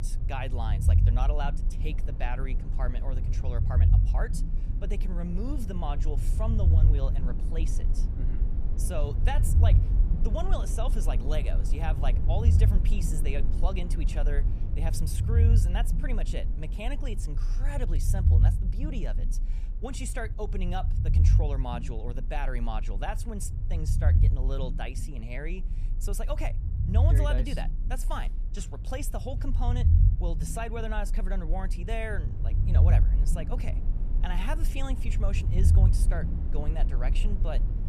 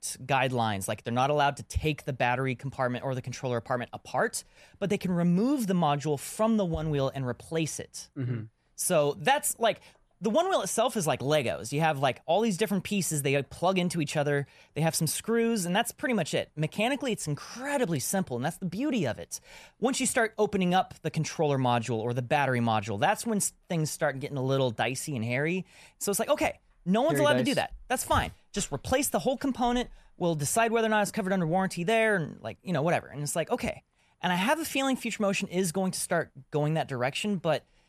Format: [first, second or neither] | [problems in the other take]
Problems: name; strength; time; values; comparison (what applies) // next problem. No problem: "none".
second | low rumble; loud; throughout; 6 dB below the speech